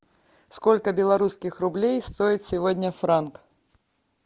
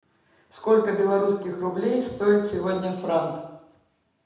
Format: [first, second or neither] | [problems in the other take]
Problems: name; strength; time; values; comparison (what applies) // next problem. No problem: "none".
first | room echo; dies away in 0.9 s